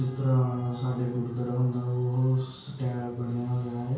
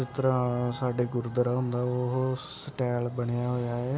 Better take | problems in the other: second | room echo; dies away in 0.6 s

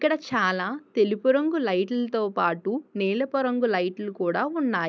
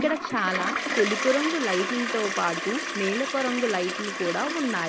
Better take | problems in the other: first | background sound (Toilet flush); 3 dB below the speech

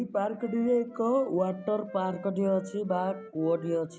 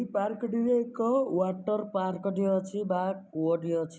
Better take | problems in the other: second | background sound (Wind instrument, woodwind instrument); 19 dB below the speech

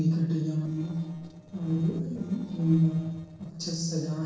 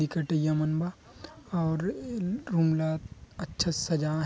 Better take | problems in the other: second | noise reduction (neural separator model SepFormer DNS4)

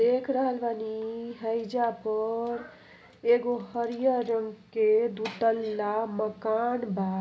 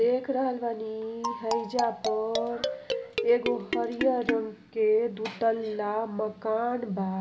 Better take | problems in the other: first | background sound (Marimba, xylophone); 5 dB below the speech

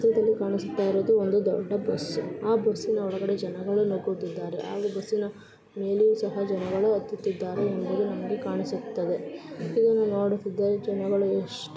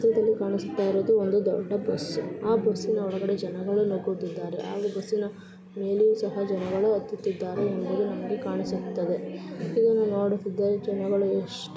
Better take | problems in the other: first | background sound (Bass guitar); 17 dB below the speech

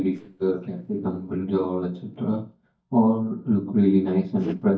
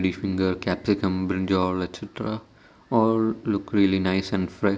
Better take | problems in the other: second | noise reduction (neural mask model DeepFilterNet 3)

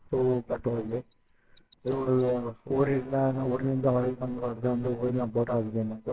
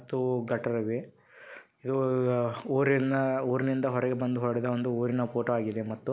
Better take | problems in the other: second | noise reduction (neural separator model SepFormer WHAMR!)

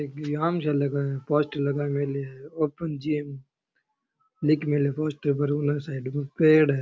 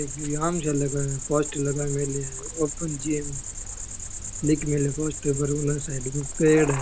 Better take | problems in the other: first | background sound (Cricket); 6 dB below the speech

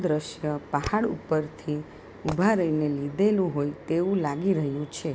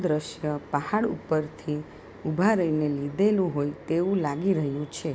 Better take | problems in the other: second | background sound (Fireworks); 16 dB below the speech

